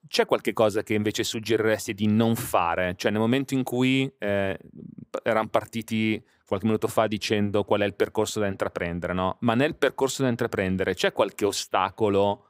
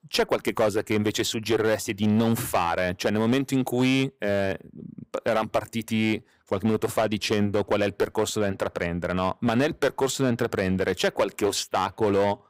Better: first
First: none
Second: distortion; slight; 6% of the sound clipped

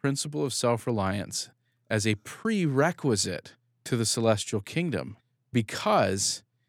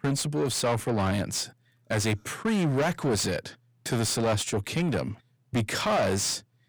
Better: first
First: none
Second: distortion; heavy; 7 dB below the speech

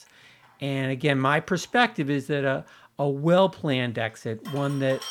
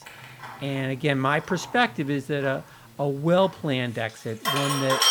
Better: first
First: household noises; faint; throughout; 20 dB below the speech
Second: household noises; loud; throughout; 3 dB below the speech

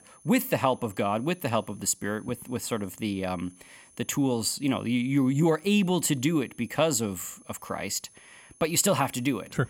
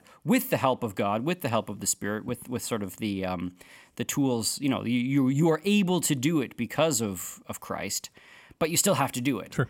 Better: second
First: high-pitched whine; faint; throughout; 10 kHz, 25 dB below the speech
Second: none

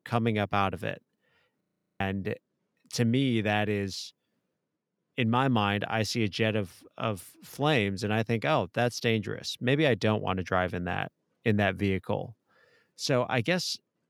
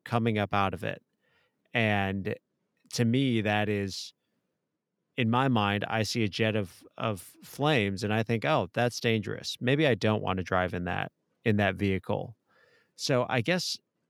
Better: second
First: audio freezing; at 1.5 s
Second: none

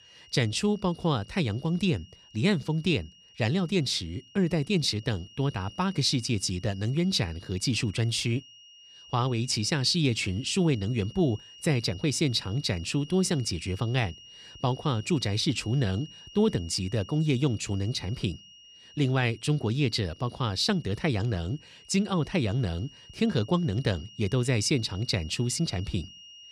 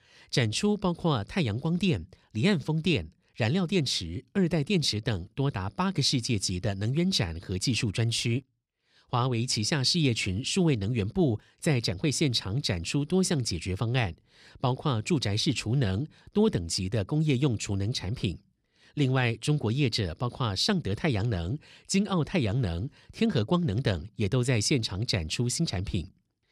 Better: second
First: high-pitched whine; faint; throughout; 3 kHz, 20 dB below the speech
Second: none

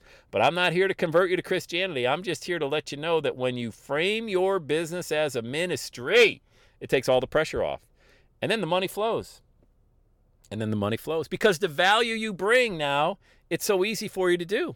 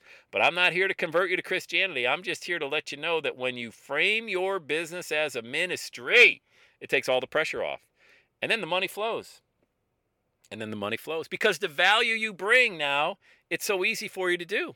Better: first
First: none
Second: thin; very slightly; fading below 650 Hz

